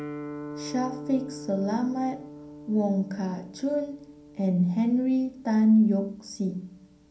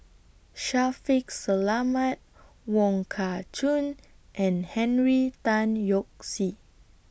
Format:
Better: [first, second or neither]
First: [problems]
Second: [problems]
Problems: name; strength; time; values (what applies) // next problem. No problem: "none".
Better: second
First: background sound (Guitar); 15 dB below the speech // room echo; dies away in 0.6 s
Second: none